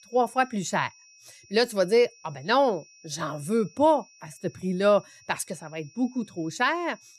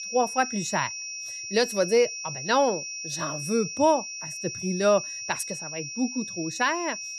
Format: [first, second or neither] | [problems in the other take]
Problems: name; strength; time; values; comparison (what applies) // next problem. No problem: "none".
first | high-pitched whine; loud; throughout; 5.5 kHz, 6 dB below the speech; faint in the first